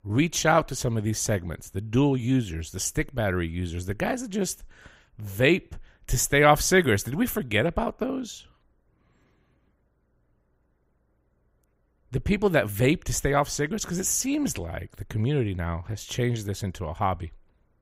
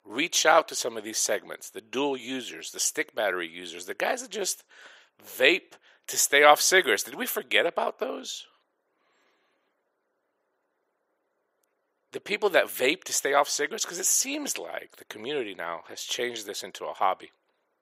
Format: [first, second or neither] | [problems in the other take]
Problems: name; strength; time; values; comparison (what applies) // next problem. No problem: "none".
first | thin; very; fading below 400 Hz